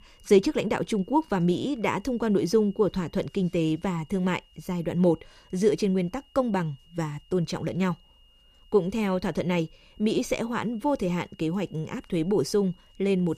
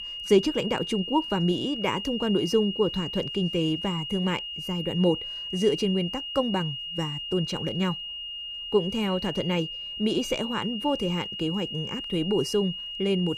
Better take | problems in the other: first | high-pitched whine; loud; throughout; 3 kHz, 5 dB below the speech; faint in the first

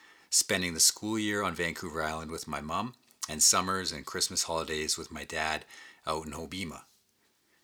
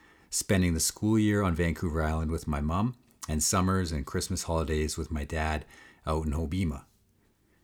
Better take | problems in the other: second | thin; somewhat; fading below 750 Hz

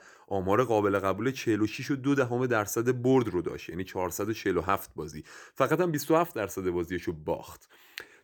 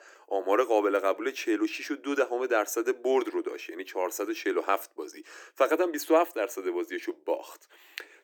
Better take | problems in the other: first | thin; somewhat; fading below 300 Hz

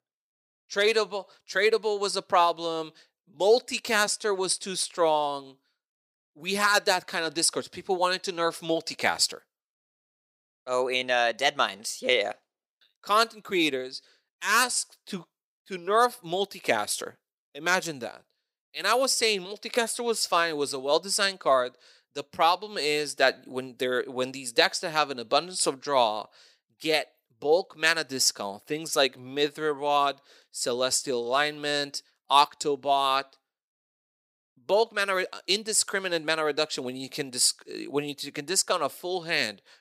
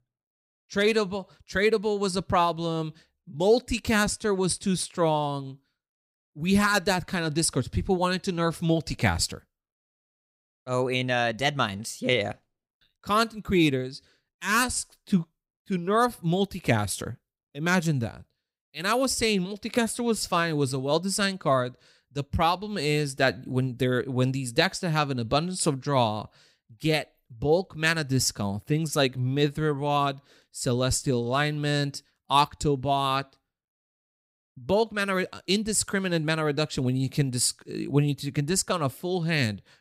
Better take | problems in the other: second | thin; somewhat; fading below 500 Hz

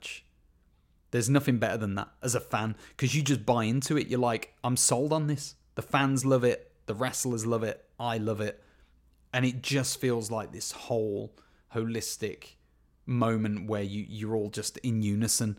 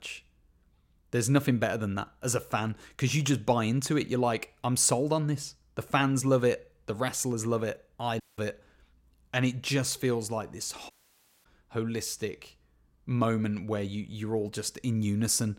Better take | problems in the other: first | audio cutting out; at 8 s and at 11 s for 0.5 s

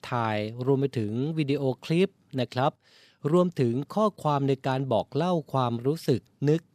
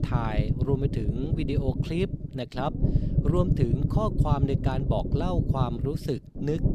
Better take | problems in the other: first | low rumble; loud; throughout; 5 dB below the speech

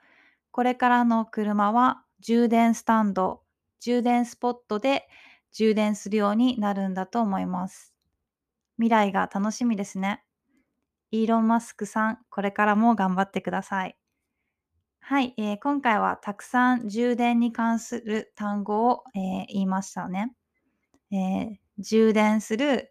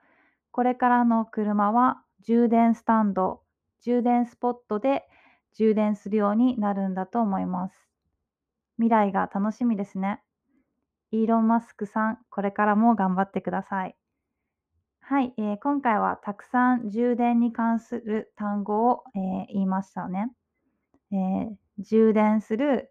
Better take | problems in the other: first | muffled; very; fading above 2.5 kHz

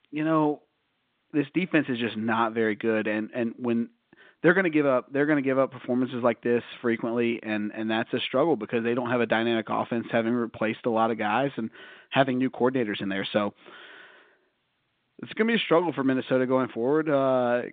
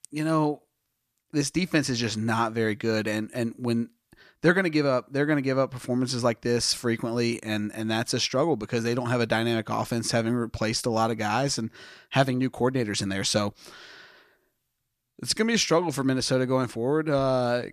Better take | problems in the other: second | phone-call audio; nothing above 3.5 kHz

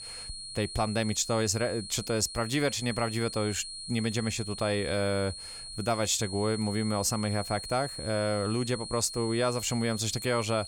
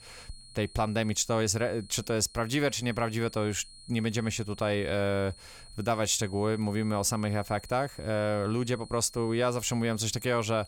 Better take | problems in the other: second | high-pitched whine; loud; throughout; 4.5 kHz, 9 dB below the speech; faint in the second

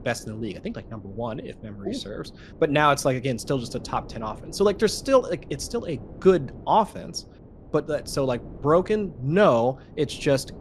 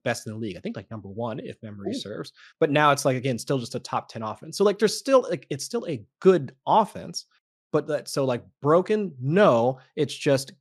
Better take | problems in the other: second | wind noise on the microphone; occasional gusts; 25 dB below the speech

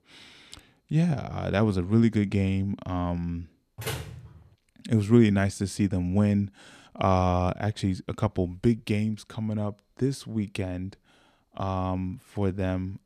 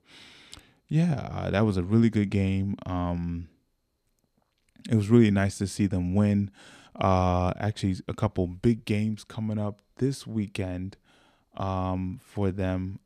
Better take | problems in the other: second | door banging; noticeable; at 4 s; peak 7 dB below the speech

